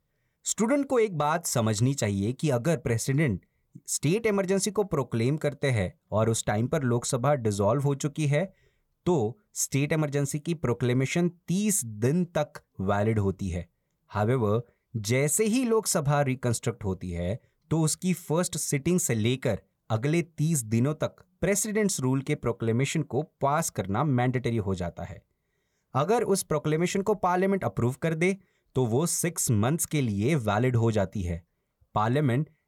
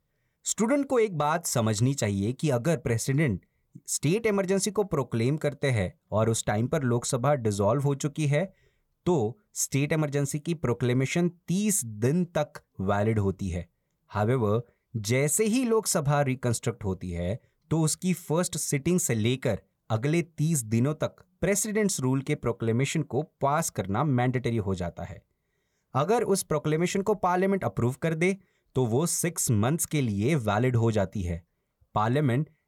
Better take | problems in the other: neither | none

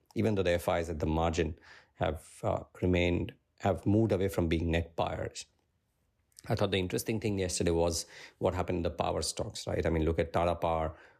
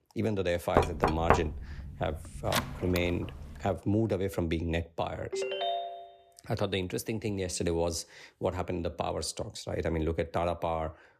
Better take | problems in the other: first | door banging; loud; from 1 to 3 s; peak 5 dB above the speech // phone ringing; loud; at 5.5 s; peak 1 dB above the speech

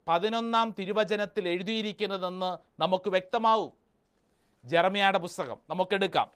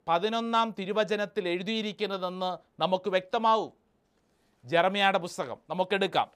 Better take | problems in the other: second | garbled, watery; slightly; nothing above 15 kHz

